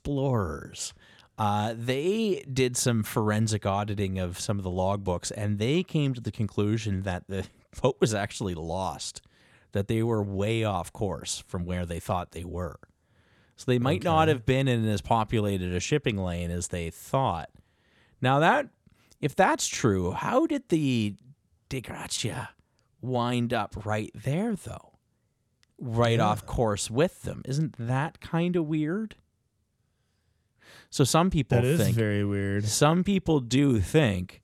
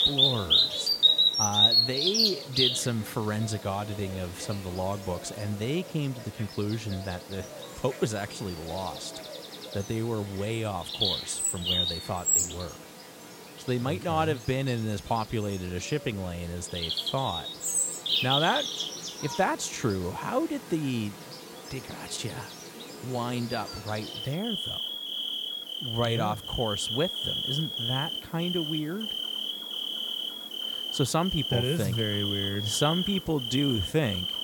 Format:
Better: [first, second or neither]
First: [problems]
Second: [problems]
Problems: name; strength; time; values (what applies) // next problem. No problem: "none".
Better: first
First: none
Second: animal sounds; very loud; throughout; 5 dB above the speech